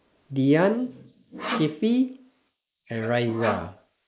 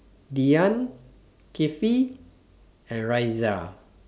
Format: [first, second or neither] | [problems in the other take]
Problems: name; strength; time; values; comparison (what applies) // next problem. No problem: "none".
second | noise reduction (neural mask model Resemble Enhance denoiser)